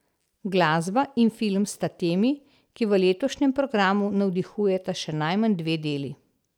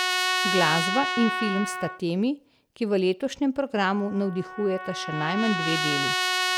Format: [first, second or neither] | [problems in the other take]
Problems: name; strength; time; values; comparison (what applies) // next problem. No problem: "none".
first | background sound (Trumpet); 2 dB below the speech